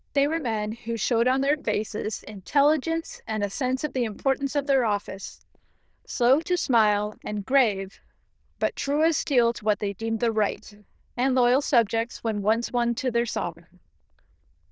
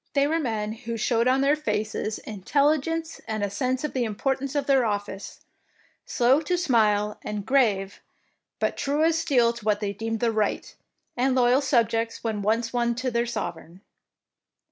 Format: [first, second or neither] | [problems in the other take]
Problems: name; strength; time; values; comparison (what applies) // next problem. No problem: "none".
second | noise reduction (neural diffusion model UNIVERSE++)